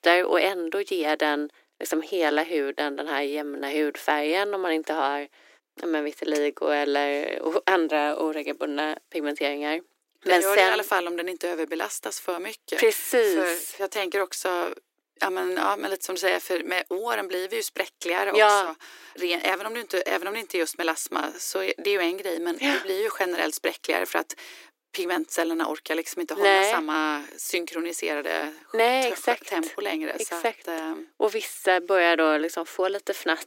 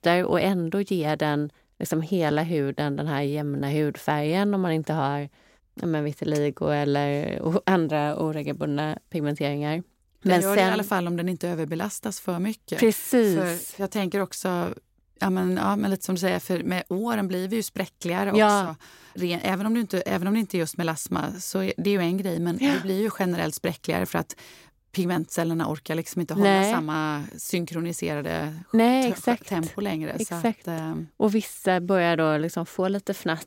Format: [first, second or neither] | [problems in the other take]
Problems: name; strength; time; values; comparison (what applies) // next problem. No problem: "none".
second | thin; very; fading below 300 Hz